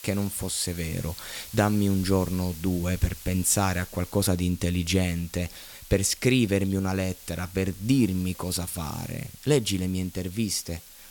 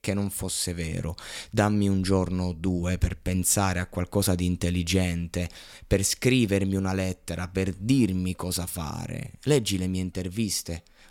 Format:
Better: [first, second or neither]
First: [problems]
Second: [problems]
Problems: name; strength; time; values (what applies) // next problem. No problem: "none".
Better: second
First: hiss; noticeable; throughout; 15 dB below the speech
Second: none